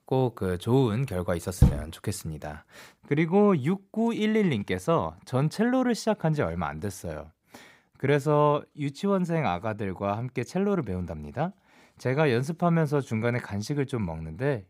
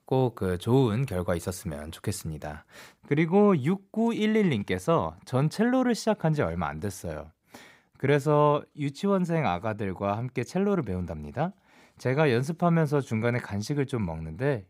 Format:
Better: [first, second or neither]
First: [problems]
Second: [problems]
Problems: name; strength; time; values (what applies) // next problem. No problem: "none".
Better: second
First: door banging; loud; at 1.5 s; peak 3 dB above the speech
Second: none